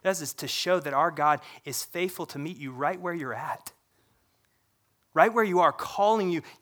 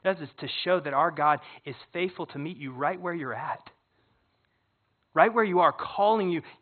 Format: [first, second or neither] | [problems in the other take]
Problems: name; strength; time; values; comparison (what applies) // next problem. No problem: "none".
first | garbled, watery; badly; nothing above 4 kHz